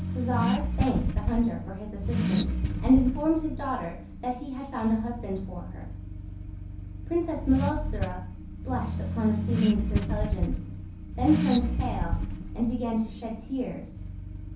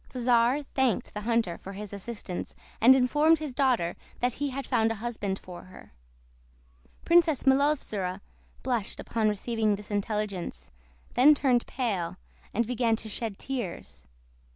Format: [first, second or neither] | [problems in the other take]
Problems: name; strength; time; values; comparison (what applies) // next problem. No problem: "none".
second | background sound (Accelerating, revving, vroom / Car); 1 dB below the speech // room echo; dies away in 0.6 s